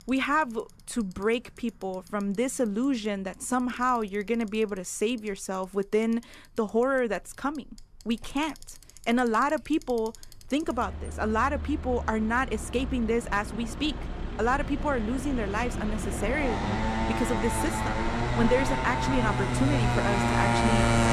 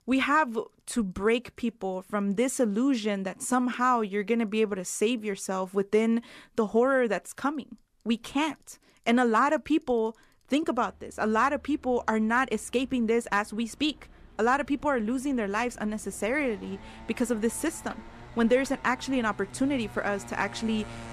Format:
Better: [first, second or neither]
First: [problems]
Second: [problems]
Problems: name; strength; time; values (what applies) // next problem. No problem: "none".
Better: second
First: traffic noise; loud; throughout; 1 dB below the speech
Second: traffic noise; faint; throughout; 20 dB below the speech